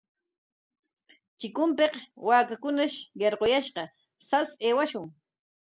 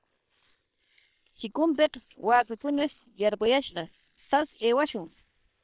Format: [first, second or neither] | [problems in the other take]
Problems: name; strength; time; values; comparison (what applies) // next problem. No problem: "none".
first | noise reduction (neural separator model SepFormer WHAM!)